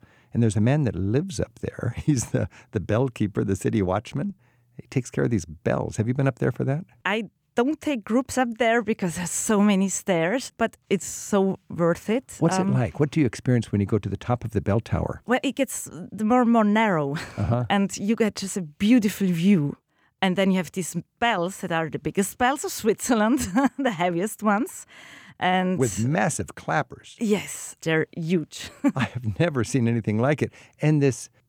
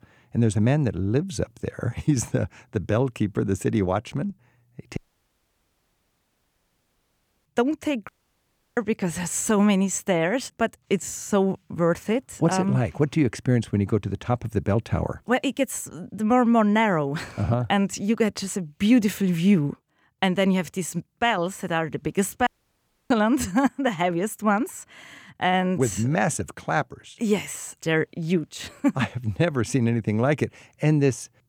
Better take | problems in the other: first | audio cutting out; at 5 s for 2.5 s, at 8 s for 0.5 s and at 22 s for 0.5 s

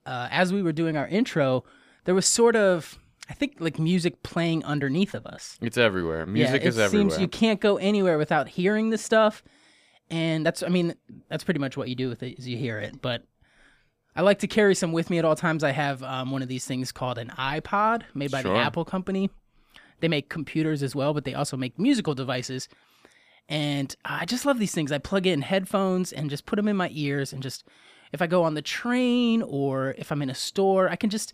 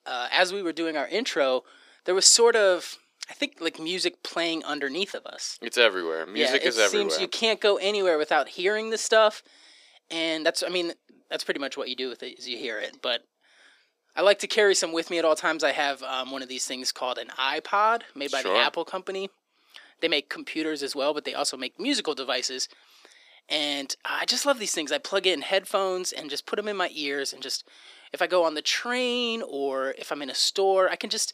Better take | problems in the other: first | thin; somewhat; fading below 350 Hz

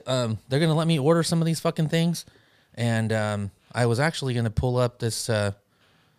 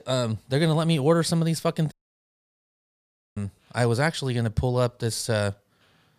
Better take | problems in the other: first | audio cutting out; at 2 s for 1.5 s

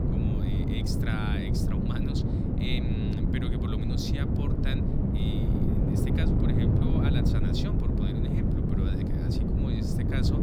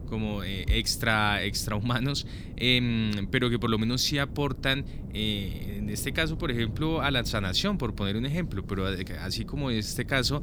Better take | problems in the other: second | wind noise on the microphone; heavy; 4 dB above the speech; occasional gusts in the second

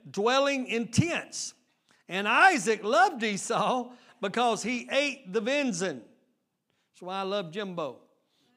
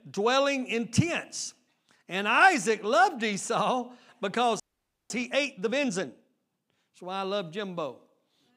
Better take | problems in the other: first | audio freezing; at 4.5 s for 0.5 s

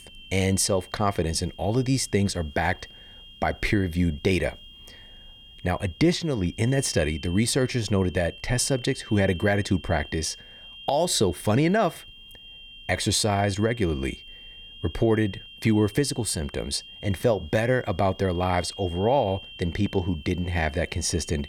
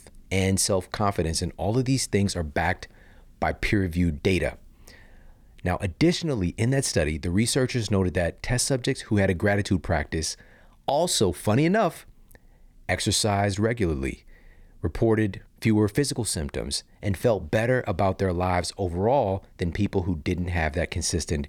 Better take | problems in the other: second | high-pitched whine; noticeable; throughout; 3 kHz, 20 dB below the speech

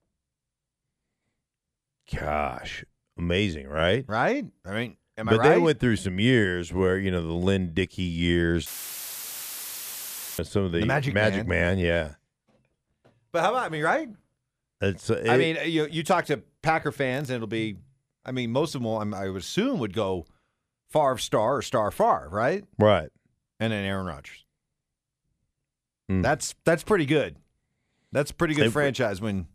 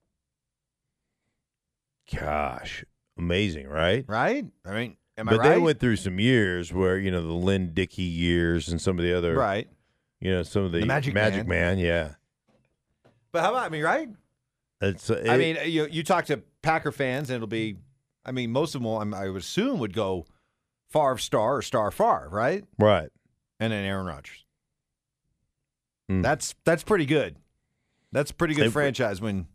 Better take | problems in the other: second | audio cutting out; filled with static; at 8.5 s for 1.5 s

